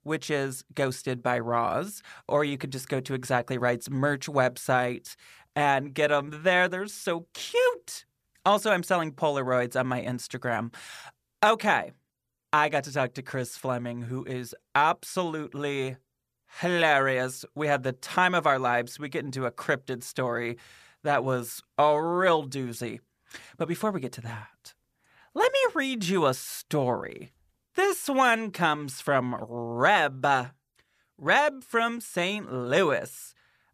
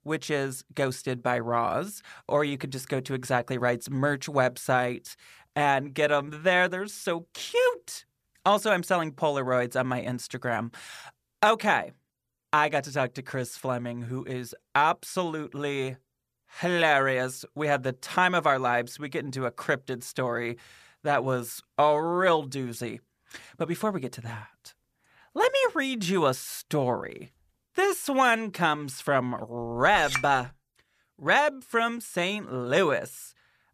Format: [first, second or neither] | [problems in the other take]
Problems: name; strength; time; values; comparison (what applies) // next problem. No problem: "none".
first | clattering dishes; noticeable; at 30 s; peak 4 dB below the speech